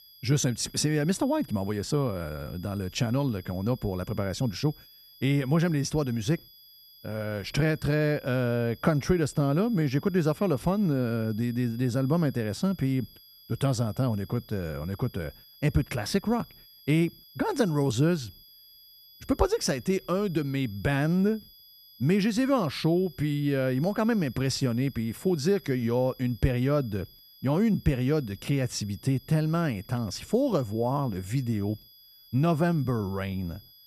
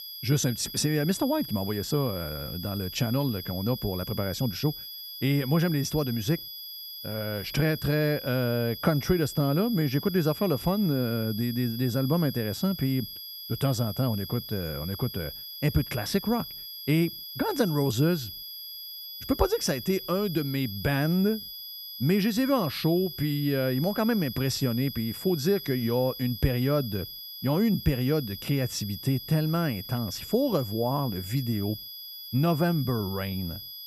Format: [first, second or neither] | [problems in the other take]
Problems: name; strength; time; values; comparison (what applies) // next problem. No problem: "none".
first | high-pitched whine; loud; throughout; 5 kHz, 10 dB below the speech; faint in the first